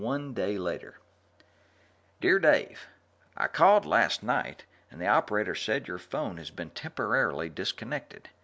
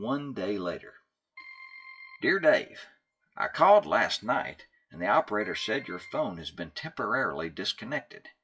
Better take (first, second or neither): first